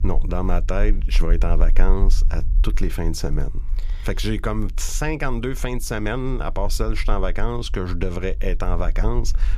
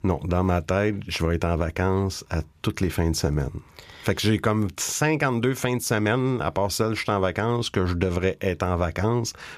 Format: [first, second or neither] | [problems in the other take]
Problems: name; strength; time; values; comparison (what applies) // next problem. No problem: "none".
second | low rumble; faint; throughout; 20 dB below the speech